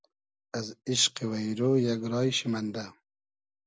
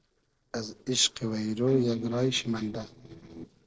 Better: first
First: none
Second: noise reduction (neural separator model SepFormer DNS4)

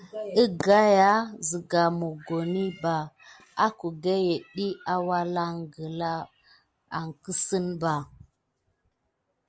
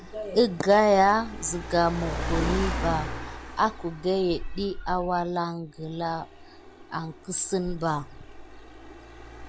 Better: first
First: none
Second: background sound (Car); 8 dB below the speech

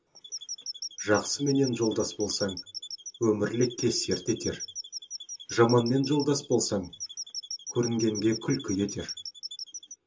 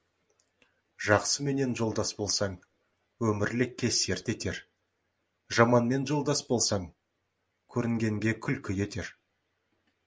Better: second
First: background sound (Squeak / Chirp, tweet); 11 dB below the speech // room echo; dies away in 0.2 s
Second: none

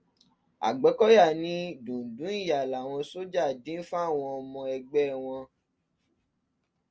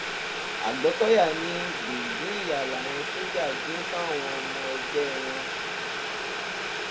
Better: first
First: none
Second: background sound (Boiling); 1 dB below the speech

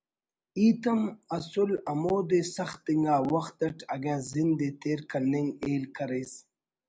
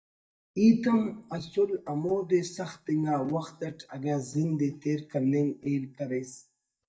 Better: first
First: none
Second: noise reduction (neural mask model DeepFilterNet 3)

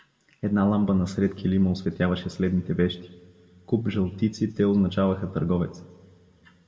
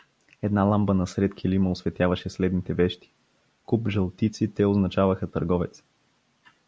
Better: second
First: room echo; dies away in 1 s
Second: none

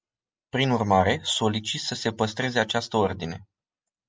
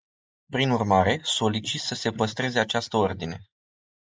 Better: first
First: none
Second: noise reduction (neural mask model Resemble Enhance denoiser)

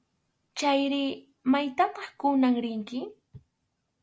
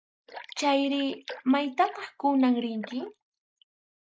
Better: first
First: none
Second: noise reduction (neural mask model Resemble Enhance denoiser)

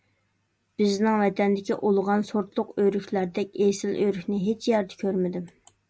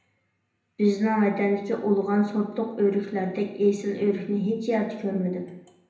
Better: first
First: none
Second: room echo; dies away in 0.7 s

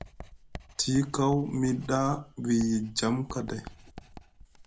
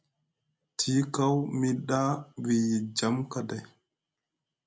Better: second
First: background sound (Writing); 17 dB below the speech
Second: none

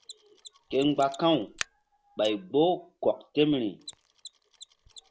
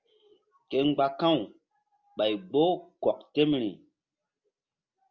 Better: second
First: background sound (Mechanisms); 18 dB below the speech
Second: none

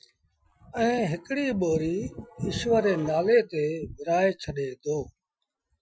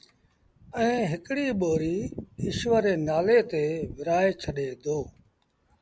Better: second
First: noise reduction (classical method Wiener filter)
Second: none

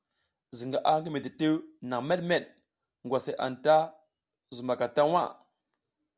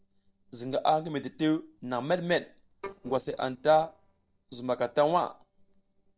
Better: first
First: none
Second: noise reduction (neural separator model SepFormer DNS4)

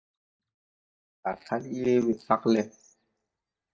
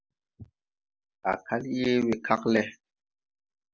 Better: second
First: noise reduction (neural mask model DeepFilterNet 3)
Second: none

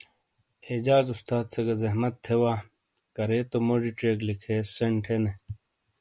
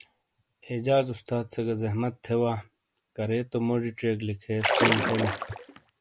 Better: first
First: none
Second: background sound (Splash, splatter); 2 dB above the speech

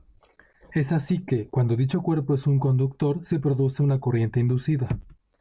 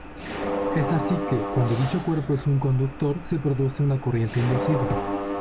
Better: first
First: none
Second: background sound (Mechanisms); 5 dB below the speech

